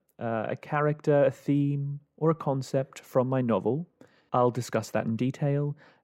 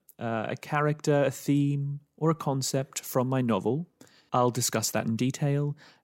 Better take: second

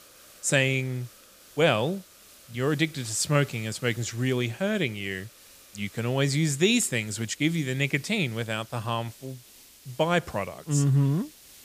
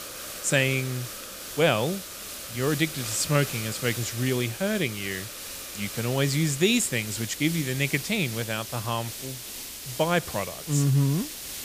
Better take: first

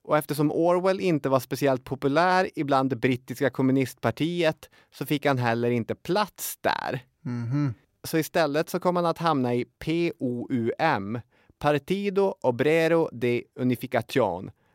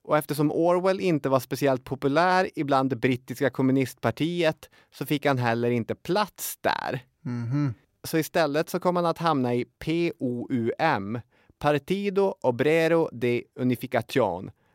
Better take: neither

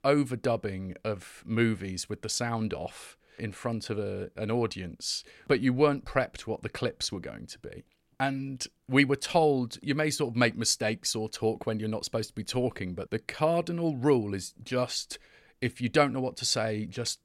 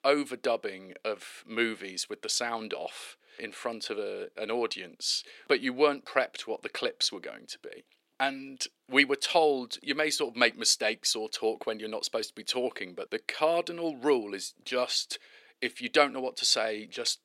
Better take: first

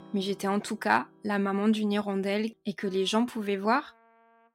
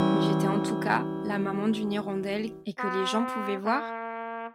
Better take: first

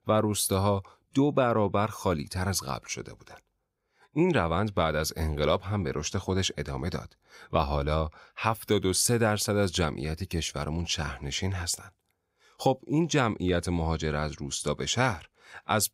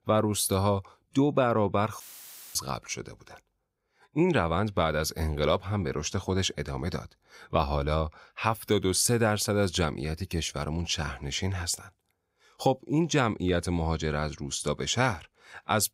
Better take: first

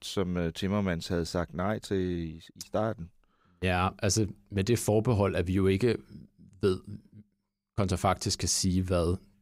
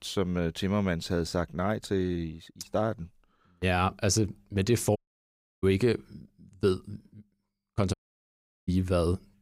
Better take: first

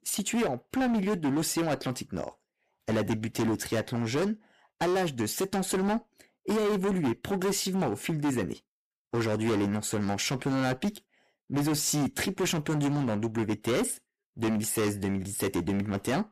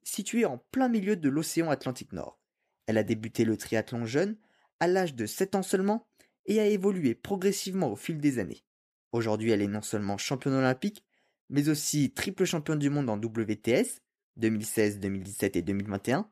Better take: second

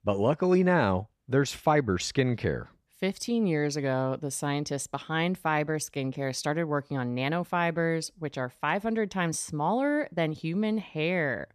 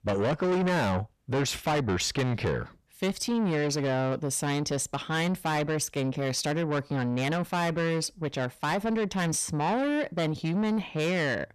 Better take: first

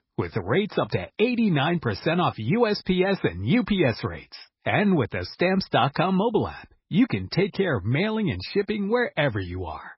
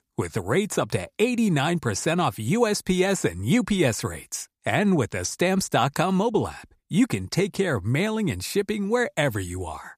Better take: second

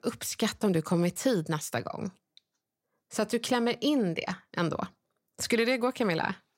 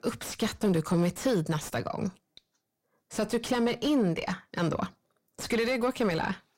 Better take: first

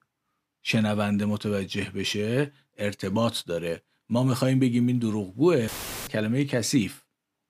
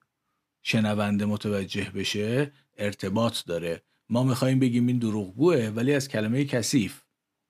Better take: second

